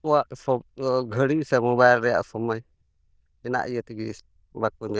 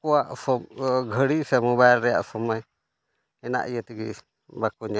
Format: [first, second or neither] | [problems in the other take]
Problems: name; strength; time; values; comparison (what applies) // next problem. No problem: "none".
second | noise reduction (neural diffusion model UNIVERSE++)